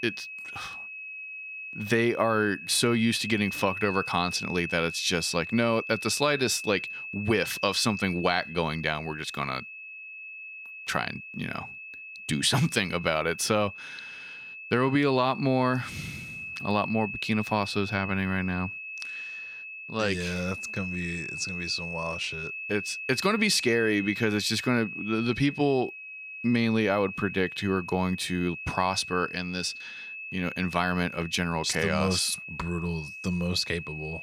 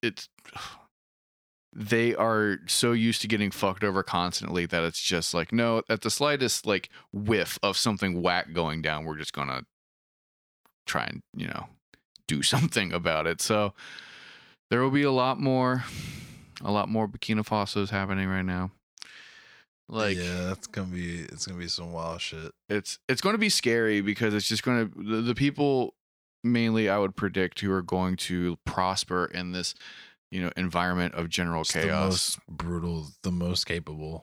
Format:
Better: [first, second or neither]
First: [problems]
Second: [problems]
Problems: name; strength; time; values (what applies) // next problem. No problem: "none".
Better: second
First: high-pitched whine; loud; throughout; 2.5 kHz, 9 dB below the speech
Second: none